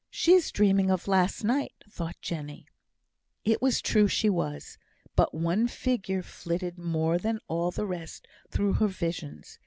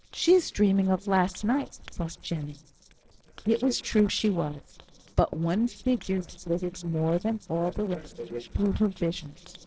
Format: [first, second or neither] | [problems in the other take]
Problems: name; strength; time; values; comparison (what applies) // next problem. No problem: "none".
first | noise reduction (neural separator model SepFormer DNS4)